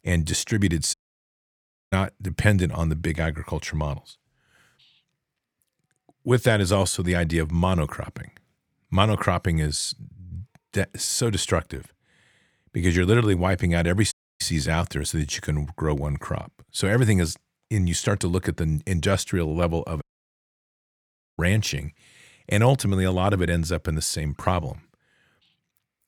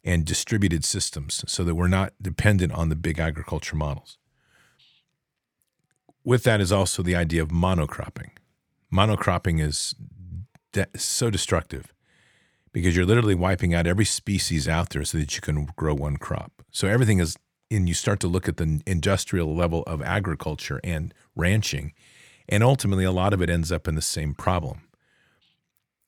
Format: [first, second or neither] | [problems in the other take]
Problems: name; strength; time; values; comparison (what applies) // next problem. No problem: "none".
second | audio cutting out; at 1 s for 1 s, at 14 s and at 20 s for 1.5 s